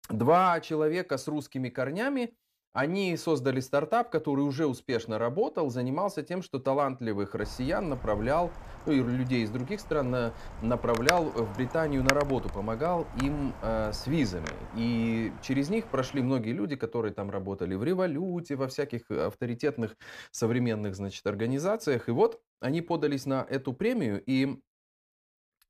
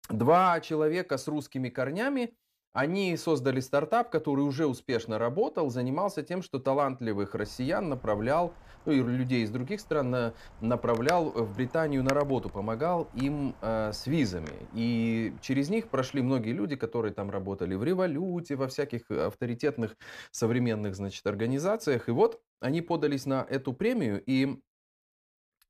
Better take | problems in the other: second | wind noise on the microphone; heavy; from 7.5 to 16 s; 5 dB below the speech; occasional gusts in the second

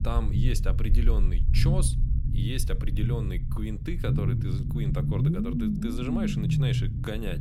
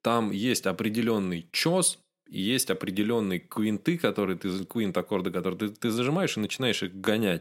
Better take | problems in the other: second | low rumble; loud; throughout; 1 dB below the speech

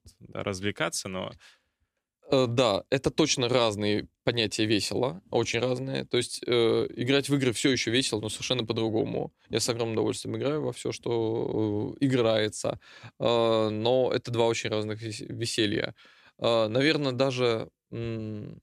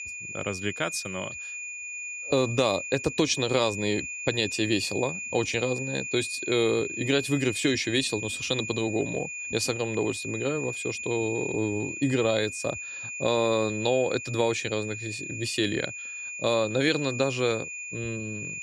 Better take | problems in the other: first | high-pitched whine; loud; throughout; 2.5 kHz, 6 dB below the speech

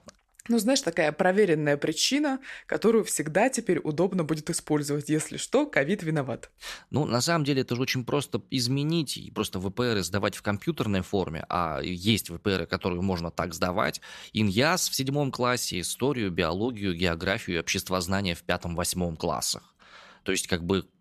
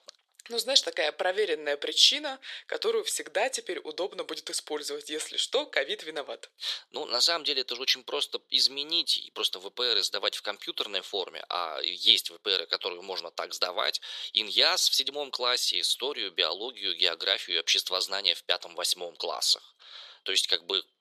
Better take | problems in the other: first | thin; very; fading below 450 Hz

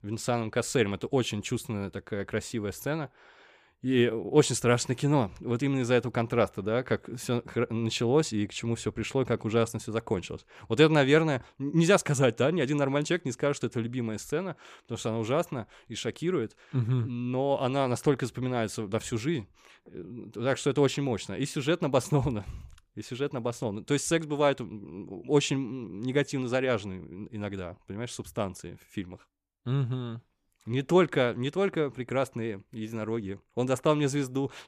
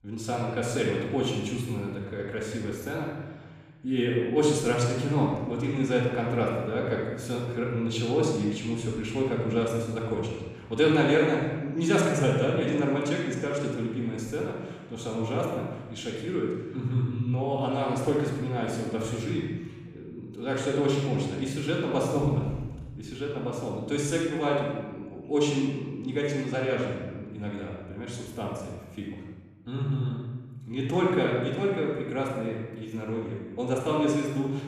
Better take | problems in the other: first | off-mic speech; far // room echo; noticeable; dies away in 1.2 s

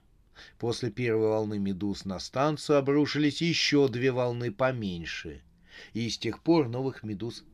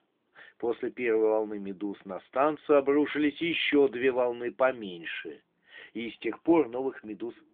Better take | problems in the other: first | phone-call audio

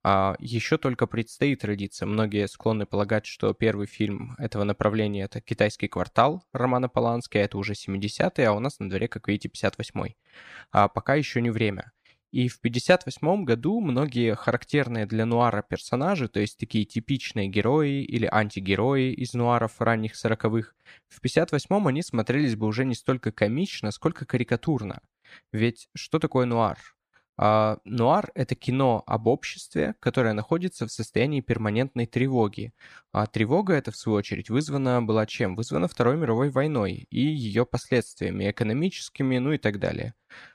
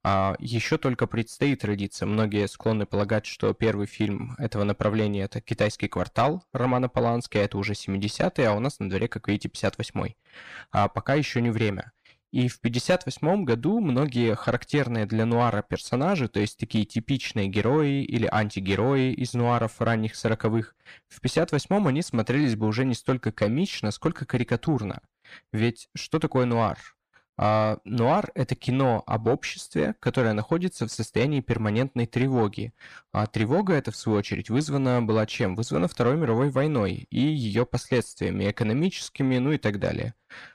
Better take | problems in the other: first | distortion; slight; 10 dB below the speech

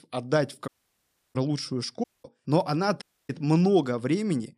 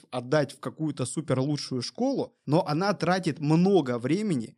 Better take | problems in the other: second | audio cutting out; at 0.5 s for 0.5 s, at 2 s and at 3 s

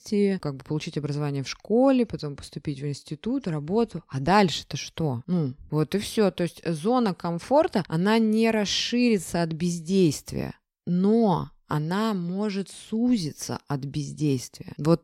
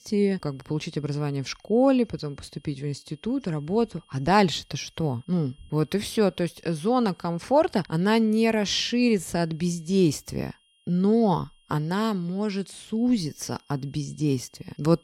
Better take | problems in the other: first | high-pitched whine; faint; throughout; 3 kHz, 35 dB below the speech

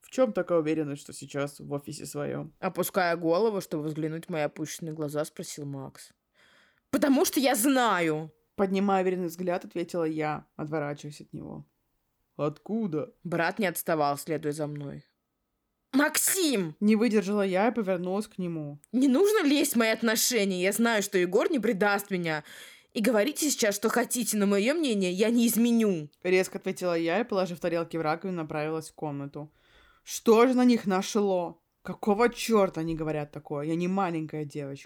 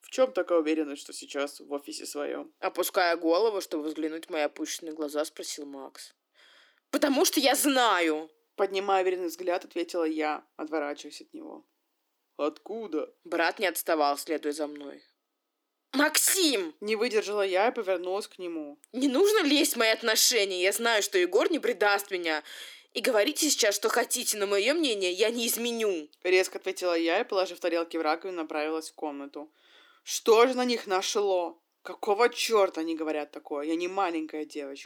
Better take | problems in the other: first | thin; somewhat; fading below 300 Hz

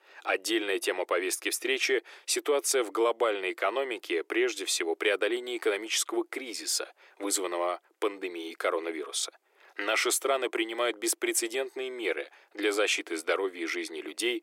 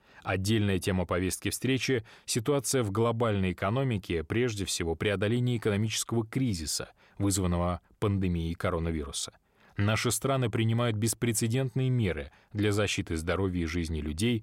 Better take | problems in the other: second | thin; very; fading below 350 Hz

